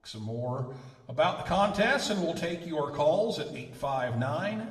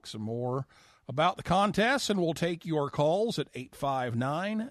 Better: second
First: room echo; slight; dies away in 0.9 s // off-mic speech; somewhat distant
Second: none

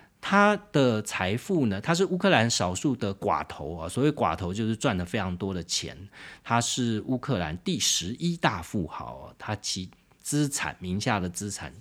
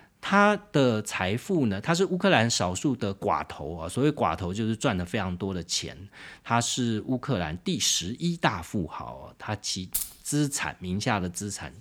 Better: first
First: none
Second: jangling keys; noticeable; at 10 s; peak 3 dB below the speech

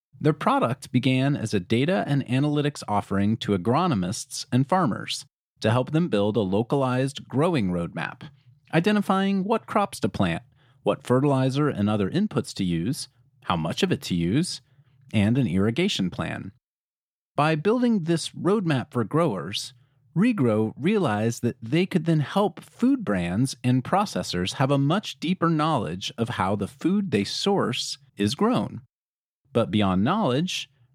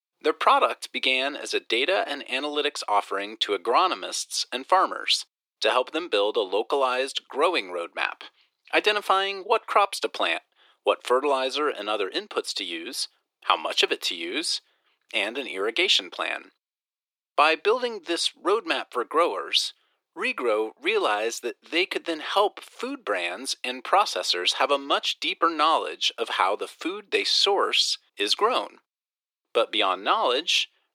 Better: first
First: none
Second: thin; very; fading below 350 Hz

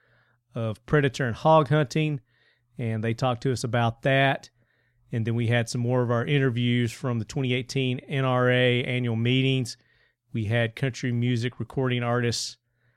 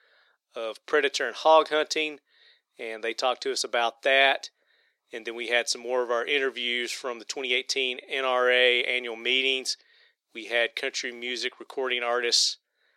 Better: first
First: none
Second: thin; very; fading below 350 Hz

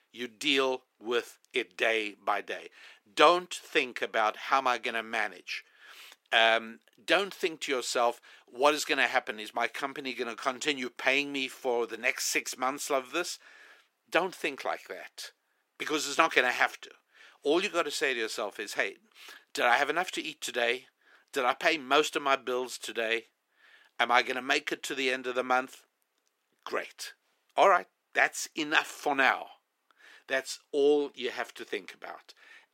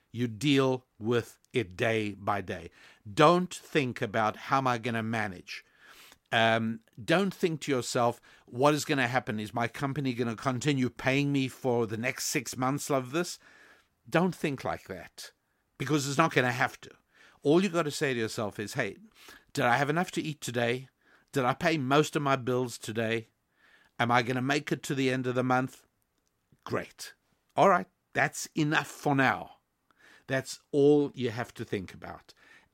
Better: second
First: thin; somewhat; fading below 350 Hz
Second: none

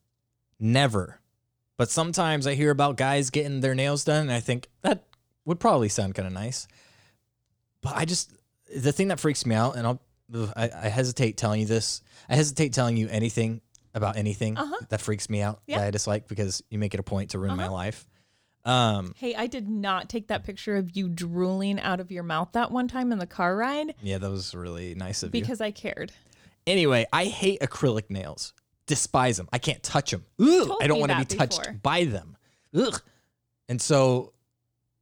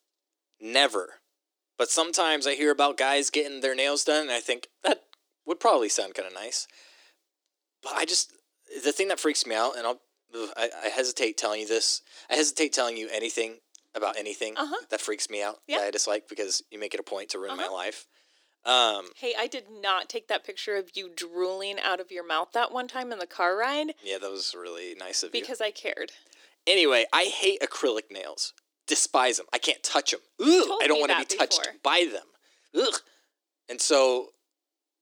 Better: first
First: none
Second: thin; very; fading below 300 Hz

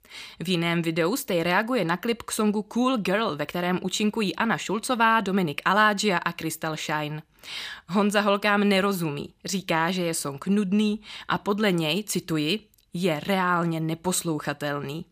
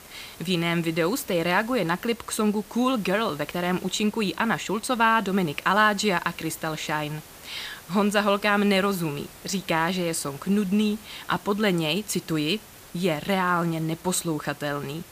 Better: first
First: none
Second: hiss; noticeable; throughout; 20 dB below the speech

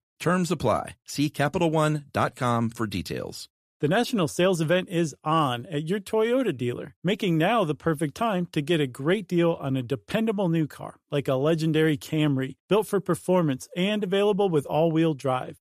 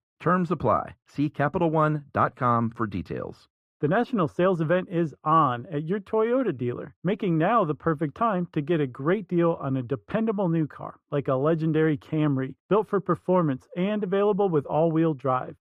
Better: first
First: none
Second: muffled; very; fading above 3.5 kHz

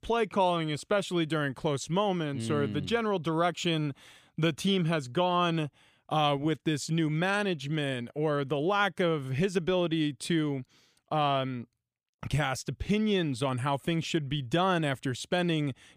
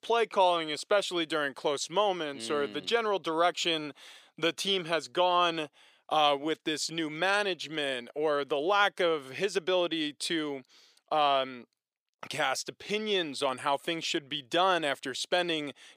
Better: first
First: none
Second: thin; somewhat; fading below 500 Hz

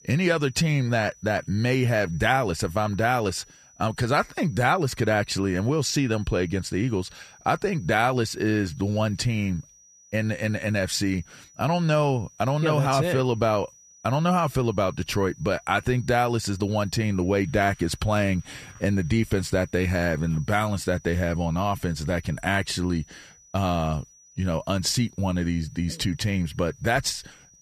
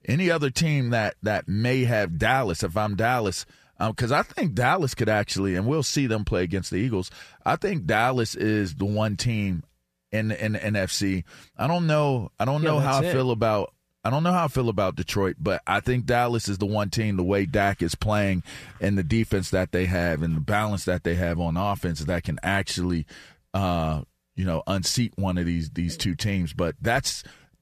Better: second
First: high-pitched whine; faint; throughout; 6 kHz, 25 dB below the speech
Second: none

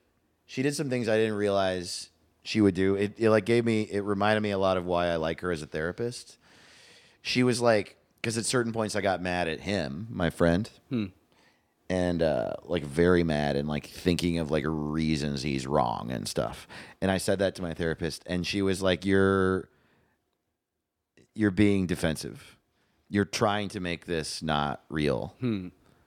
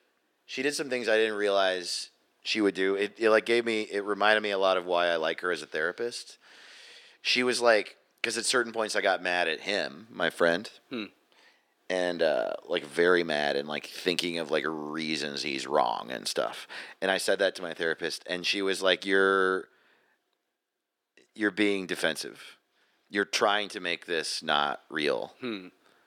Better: first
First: none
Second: thin; somewhat; fading below 400 Hz

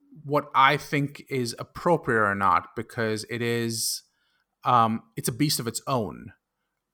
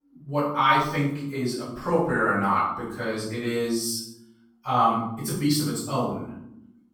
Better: first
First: none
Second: off-mic speech; far // room echo; noticeable; dies away in 0.6 s

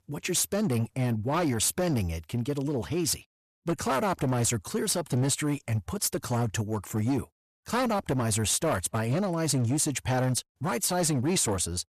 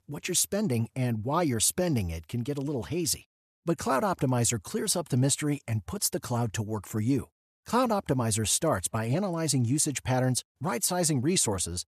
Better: second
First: distortion; slight; 11% of the sound clipped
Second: none

